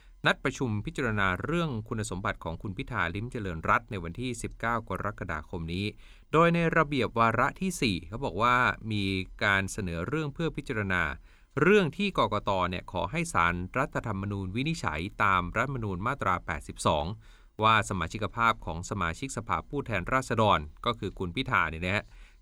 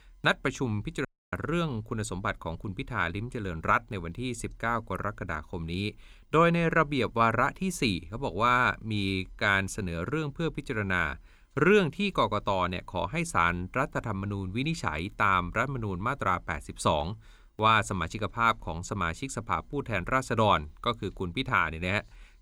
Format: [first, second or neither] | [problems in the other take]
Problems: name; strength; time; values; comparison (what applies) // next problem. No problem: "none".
first | audio cutting out; at 1 s